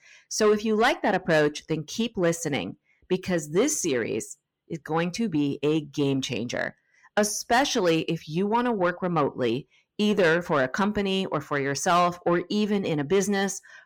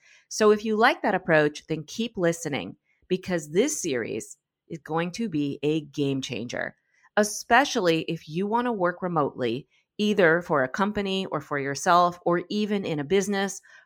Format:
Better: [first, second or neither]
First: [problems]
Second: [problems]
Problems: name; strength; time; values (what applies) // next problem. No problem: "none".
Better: second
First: distortion; slight; 10 dB below the speech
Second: none